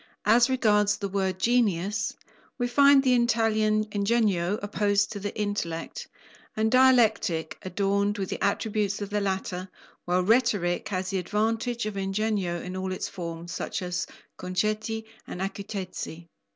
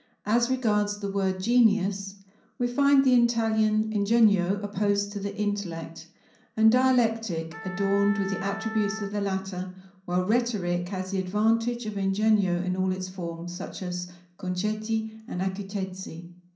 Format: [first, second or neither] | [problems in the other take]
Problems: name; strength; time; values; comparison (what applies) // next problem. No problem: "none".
first | background sound (Wind instrument, woodwind instrument); 13 dB below the speech // room echo; dies away in 0.6 s